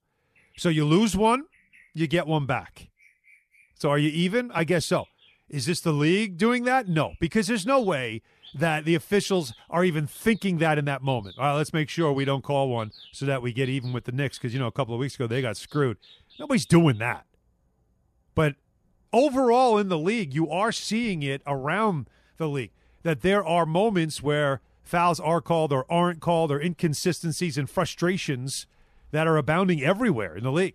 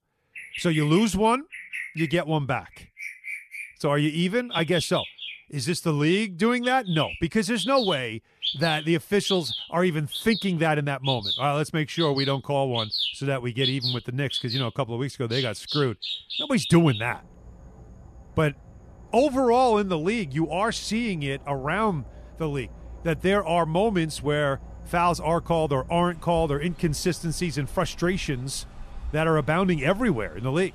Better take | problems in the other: first | animal sounds; loud; throughout; 8 dB below the speech; faint in the first

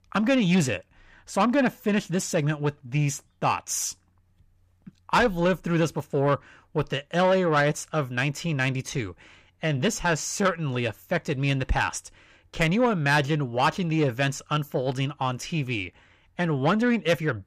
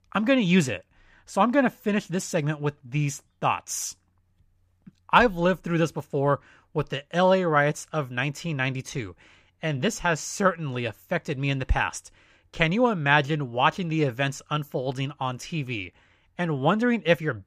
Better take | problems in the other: second | distortion; slight; 10 dB below the speech

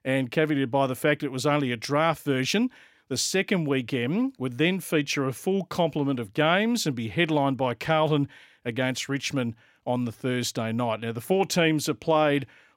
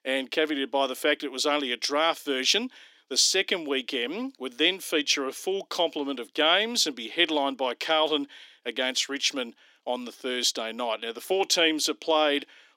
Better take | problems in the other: first | thin; very slightly; fading below 300 Hz

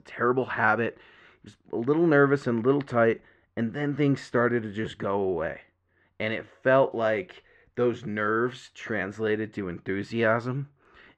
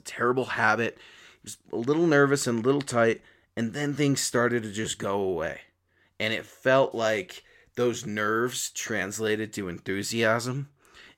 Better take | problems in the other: second | muffled; very; fading above 2 kHz

